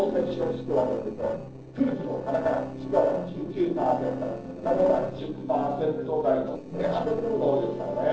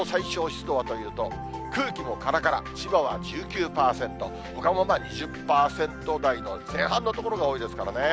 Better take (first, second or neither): second